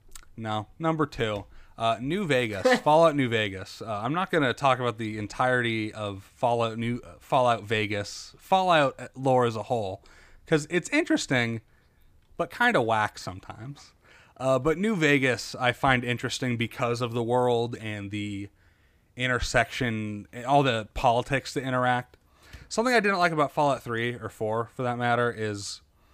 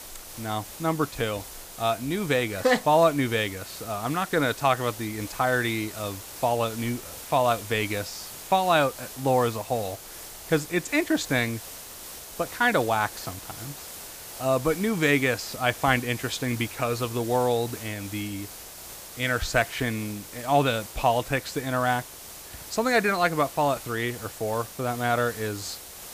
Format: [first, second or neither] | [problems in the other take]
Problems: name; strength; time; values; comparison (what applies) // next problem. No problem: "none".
first | hiss; noticeable; throughout; 15 dB below the speech